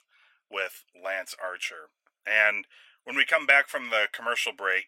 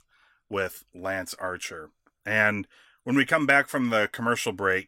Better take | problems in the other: second | thin; very; fading below 600 Hz

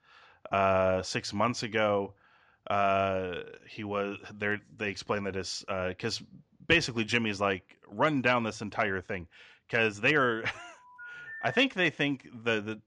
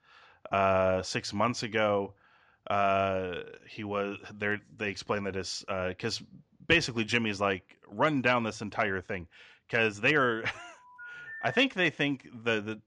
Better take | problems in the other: neither | phone ringing; faint; at 11 s; peak 10 dB below the speech; the same in both

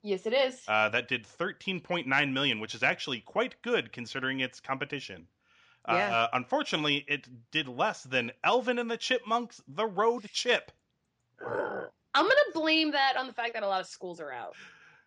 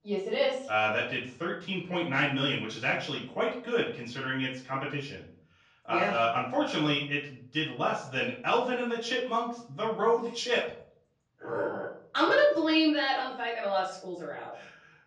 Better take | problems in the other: first | off-mic speech; far // room echo; noticeable; dies away in 0.5 s

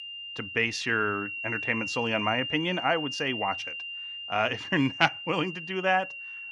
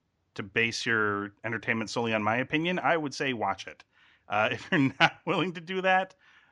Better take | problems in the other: second | high-pitched whine; loud; throughout; 3 kHz, 6 dB below the speech

